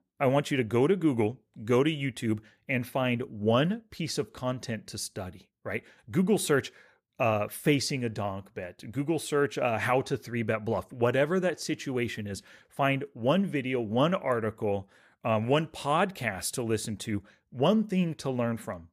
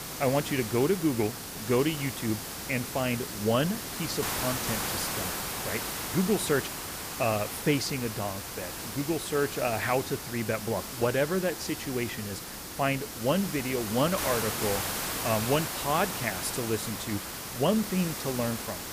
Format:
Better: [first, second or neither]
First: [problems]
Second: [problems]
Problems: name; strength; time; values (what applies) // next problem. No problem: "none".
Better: first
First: none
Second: hiss; loud; throughout; 4 dB below the speech